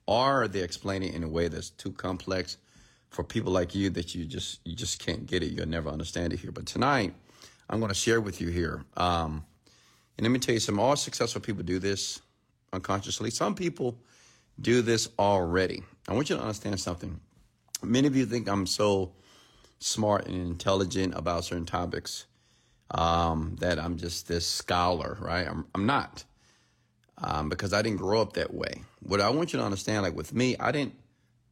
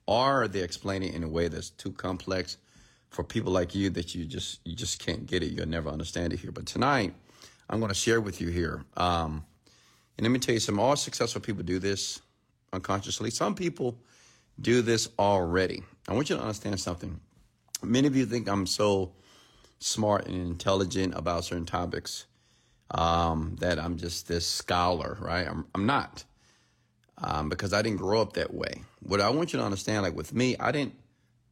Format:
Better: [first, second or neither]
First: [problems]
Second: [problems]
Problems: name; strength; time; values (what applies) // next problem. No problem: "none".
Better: neither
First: none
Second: none